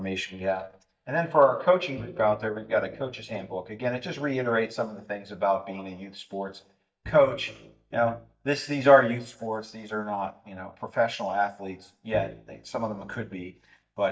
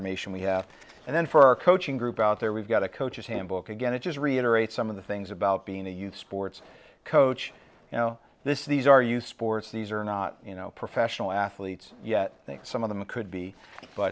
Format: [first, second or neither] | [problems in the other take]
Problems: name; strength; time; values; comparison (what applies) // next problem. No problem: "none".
second | noise reduction (neural mask model DeepFilterNet 3)